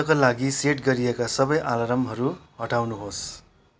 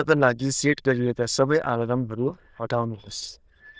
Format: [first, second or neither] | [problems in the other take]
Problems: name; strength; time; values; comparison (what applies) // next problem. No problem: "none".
first | noise reduction (neural diffusion model UNIVERSE++)